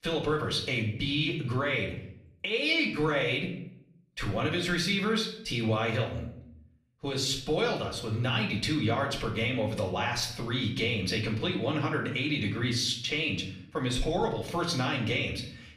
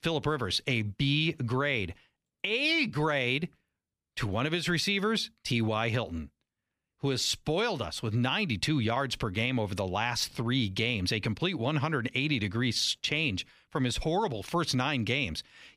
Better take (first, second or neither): second